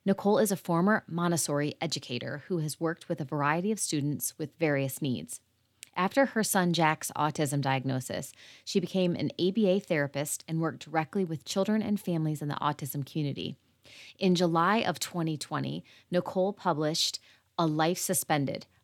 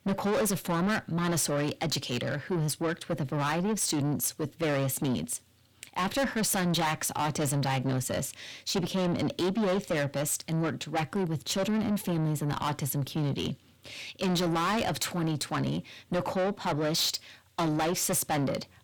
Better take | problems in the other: first | distortion; heavy; 6 dB below the speech

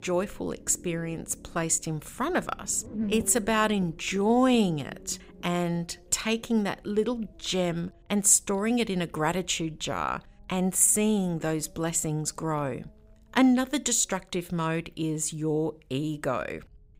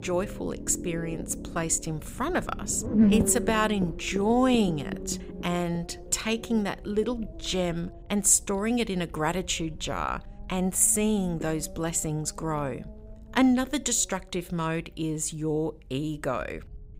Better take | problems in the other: first | low rumble; loud; throughout; 10 dB below the speech; faint in the first

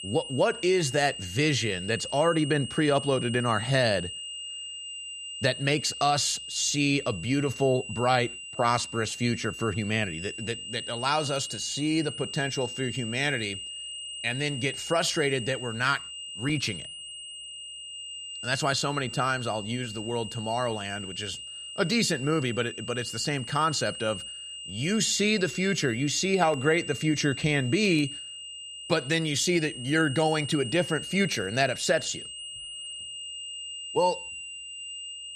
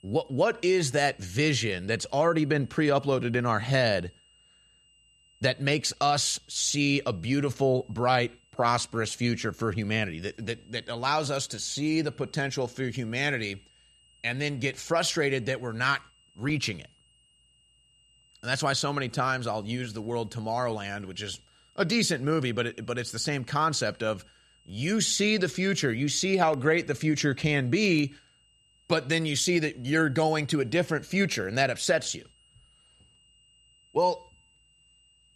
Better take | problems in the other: second | high-pitched whine; loud; throughout; 3 kHz, 9 dB below the speech; faint in the second

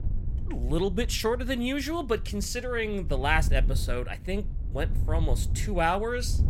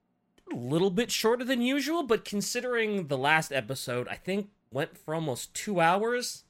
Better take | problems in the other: second | wind noise on the microphone; occasional gusts; 20 dB below the speech

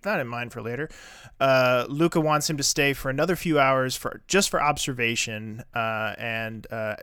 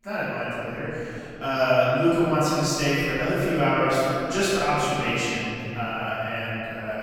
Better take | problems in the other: first | off-mic speech; far // room echo; strong; dies away in 2.6 s

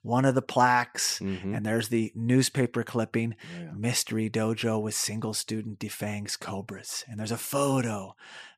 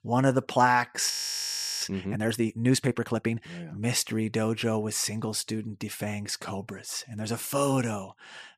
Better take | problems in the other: first | audio freezing; at 1 s for 0.5 s

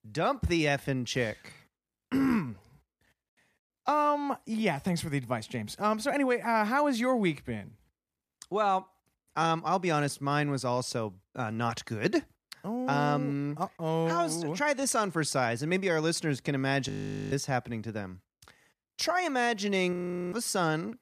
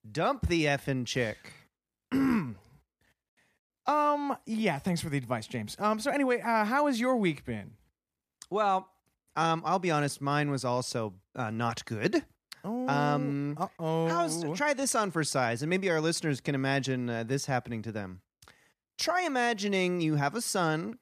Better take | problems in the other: second | audio freezing; at 17 s and at 20 s

